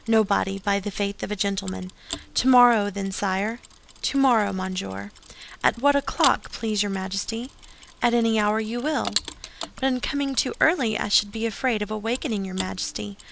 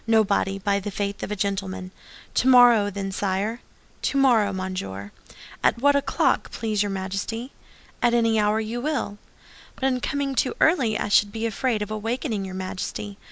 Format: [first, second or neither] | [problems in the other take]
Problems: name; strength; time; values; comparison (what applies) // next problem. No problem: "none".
second | background sound (Mechanisms); 16 dB below the speech